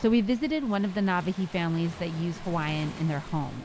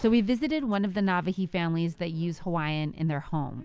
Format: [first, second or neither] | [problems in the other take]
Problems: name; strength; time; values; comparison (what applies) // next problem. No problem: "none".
second | background sound (Waves, surf); 17 dB below the speech